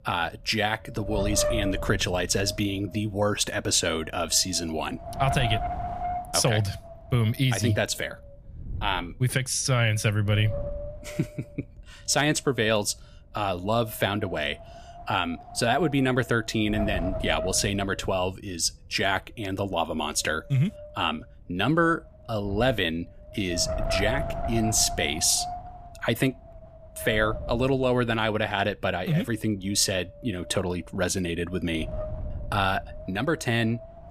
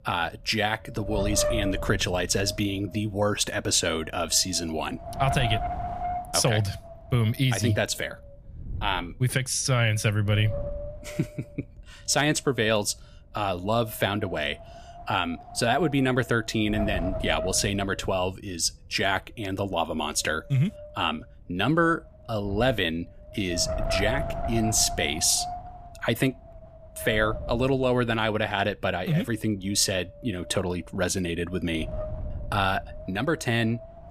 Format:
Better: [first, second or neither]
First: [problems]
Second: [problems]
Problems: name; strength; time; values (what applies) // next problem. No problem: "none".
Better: neither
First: wind noise on the microphone; heavy; 9 dB below the speech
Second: wind noise on the microphone; heavy; 9 dB below the speech